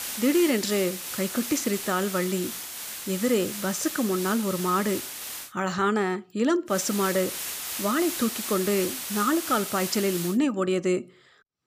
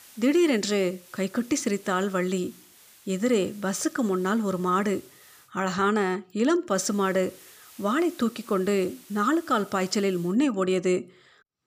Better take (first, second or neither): second